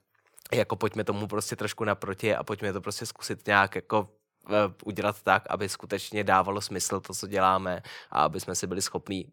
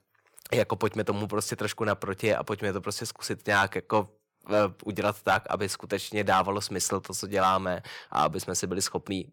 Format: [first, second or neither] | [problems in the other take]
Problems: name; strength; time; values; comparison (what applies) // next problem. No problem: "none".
first | distortion; slight; 1% of the sound clipped